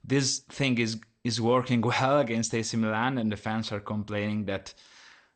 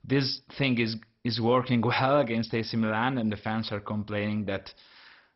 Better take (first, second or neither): first